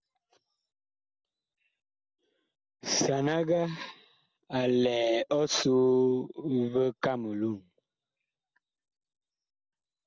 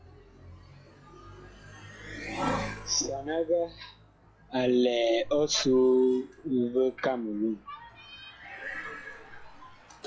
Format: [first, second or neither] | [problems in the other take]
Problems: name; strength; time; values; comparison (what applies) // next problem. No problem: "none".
first | noise reduction (classical method log-MMSE)